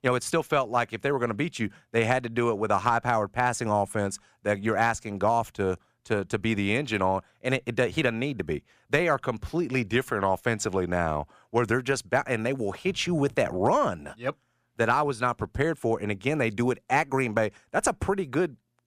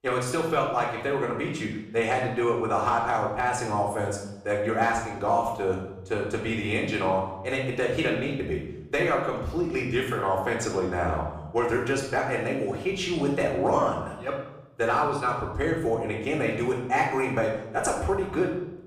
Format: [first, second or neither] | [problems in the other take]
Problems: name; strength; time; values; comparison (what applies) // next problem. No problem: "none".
first | off-mic speech; far // room echo; noticeable; dies away in 0.8 s